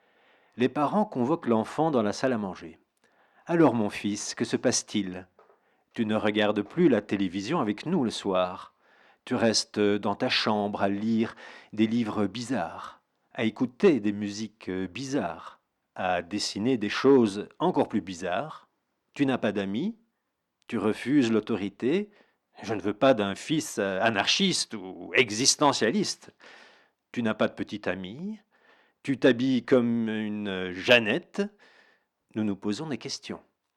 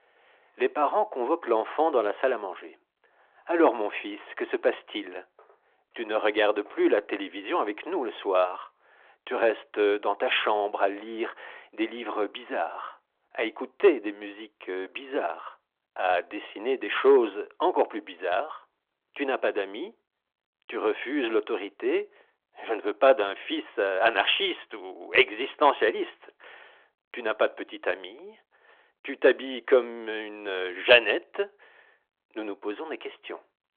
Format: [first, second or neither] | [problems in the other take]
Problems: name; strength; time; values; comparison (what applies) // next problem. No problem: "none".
first | phone-call audio; nothing above 3.5 kHz